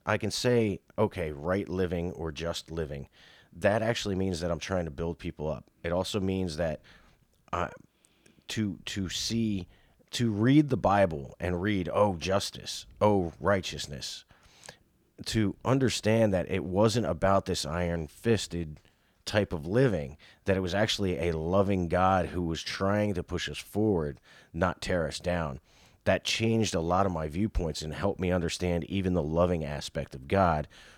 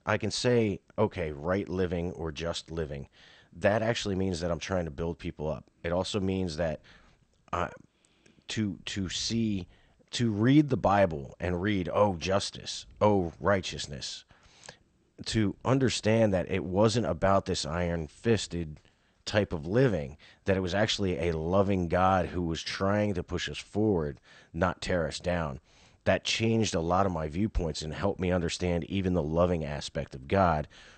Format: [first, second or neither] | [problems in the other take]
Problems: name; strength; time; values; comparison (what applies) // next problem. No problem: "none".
first | garbled, watery; slightly; nothing above 8.5 kHz